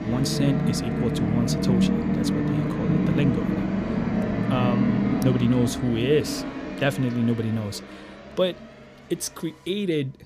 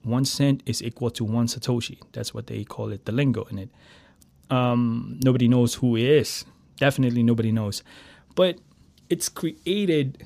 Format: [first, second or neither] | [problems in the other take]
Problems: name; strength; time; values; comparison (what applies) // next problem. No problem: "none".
second | background music; very loud; throughout; 2 dB above the speech